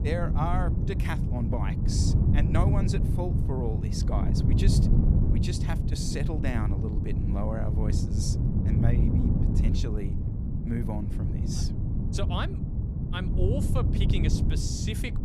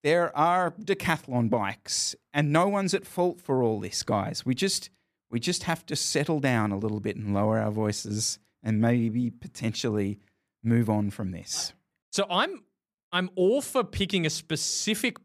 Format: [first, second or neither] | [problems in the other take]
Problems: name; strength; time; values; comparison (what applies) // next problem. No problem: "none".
second | wind noise on the microphone; heavy; 2 dB below the speech